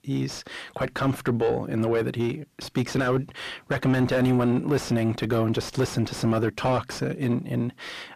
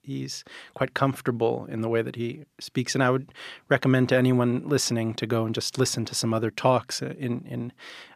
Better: second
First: distortion; heavy; 6 dB below the speech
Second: none

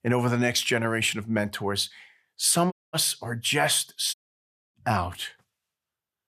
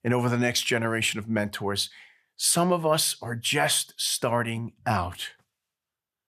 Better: second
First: audio cutting out; at 2.5 s and at 4 s for 0.5 s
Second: none

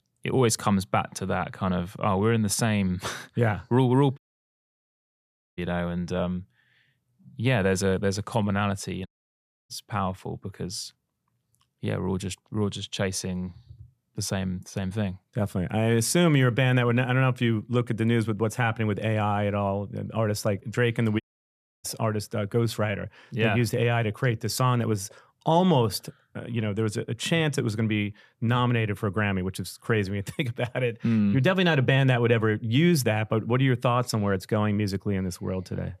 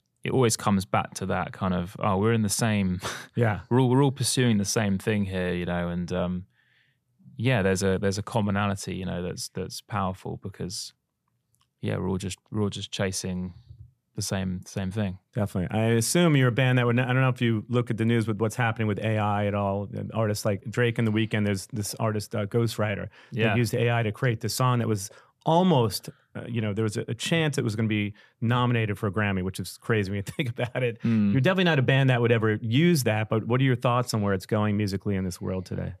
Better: second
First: audio cutting out; at 4 s for 1.5 s, at 9 s for 0.5 s and at 21 s for 0.5 s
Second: none

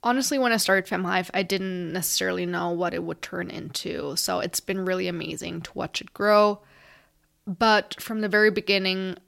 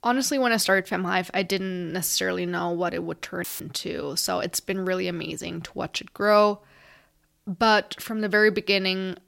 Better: first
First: none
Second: audio cutting out; filled with static; at 3.5 s

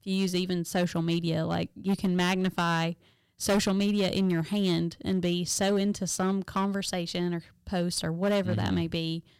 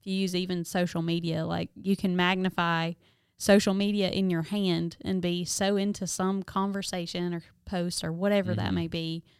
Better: second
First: distortion; slight; 6% of the sound clipped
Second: none

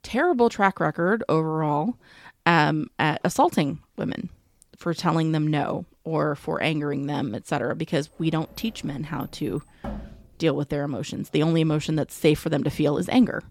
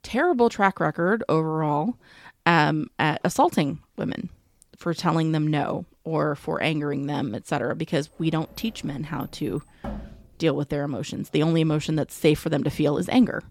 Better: neither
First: door banging; faint; from 8.5 to 10 s; peak 10 dB below the speech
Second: door banging; faint; from 8.5 to 10 s; peak 10 dB below the speech

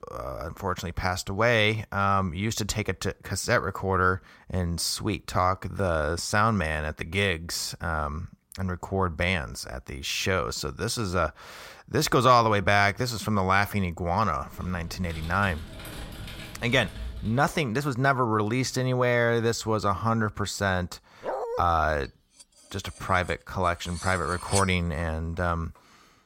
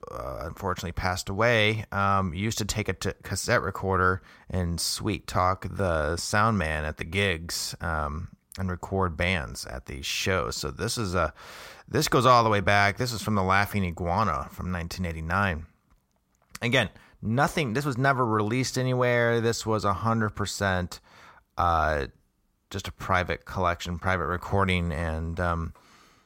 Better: second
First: keyboard typing; faint; from 14 to 17 s; peak 15 dB below the speech // dog barking; noticeable; at 21 s; peak 5 dB below the speech // clattering dishes; noticeable; at 24 s; peak 4 dB below the speech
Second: none

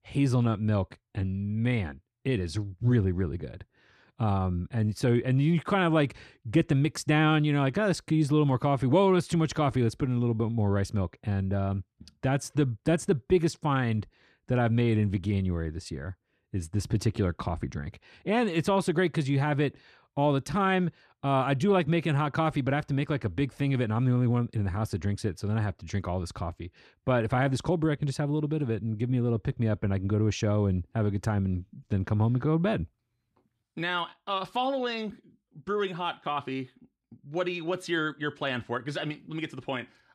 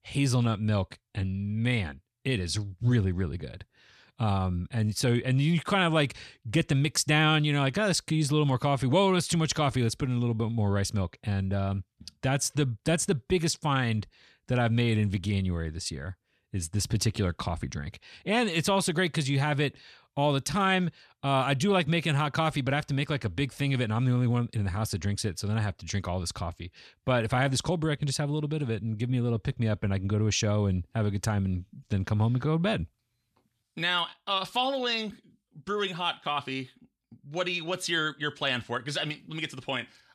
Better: second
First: muffled; slightly; fading above 2.5 kHz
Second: none

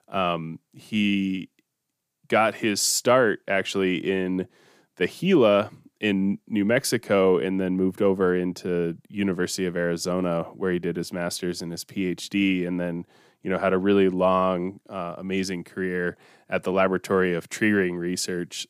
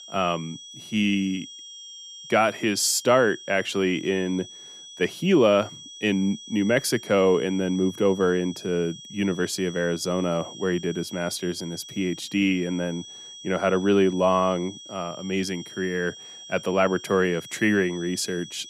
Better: first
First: none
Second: high-pitched whine; noticeable; throughout; 3.5 kHz, 15 dB below the speech

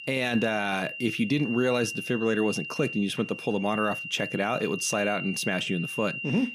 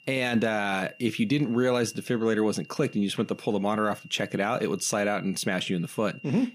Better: second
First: high-pitched whine; loud; throughout; 3 kHz, 7 dB below the speech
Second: high-pitched whine; faint; throughout; 3 kHz, 20 dB below the speech

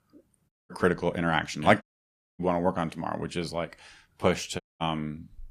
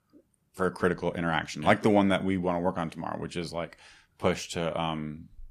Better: second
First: audio cutting out; at 0.5 s, at 2 s for 0.5 s and at 4.5 s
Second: none

